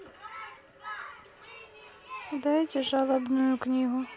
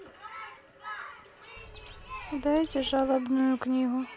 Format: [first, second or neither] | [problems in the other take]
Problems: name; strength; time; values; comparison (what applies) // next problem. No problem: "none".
first | background sound (Bird); 18 dB below the speech